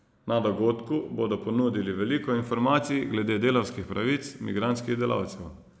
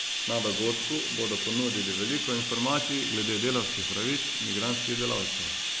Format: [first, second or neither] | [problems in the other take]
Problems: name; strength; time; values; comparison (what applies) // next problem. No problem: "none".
first | background sound (Bathtub (filling or washing)); 1 dB above the speech